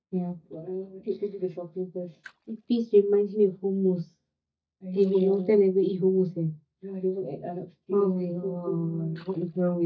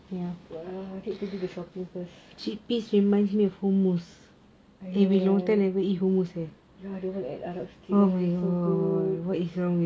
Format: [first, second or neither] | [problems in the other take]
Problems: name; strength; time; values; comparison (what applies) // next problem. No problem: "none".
second | noise reduction (neural mask model DeepFilterNet 3)